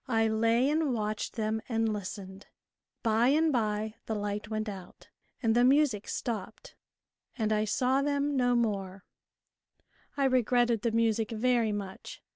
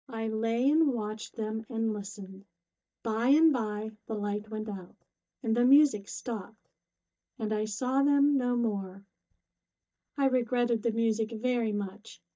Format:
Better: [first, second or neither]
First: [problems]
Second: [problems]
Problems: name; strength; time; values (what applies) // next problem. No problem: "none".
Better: first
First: none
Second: noise reduction (neural mask model DeepFilterNet 3)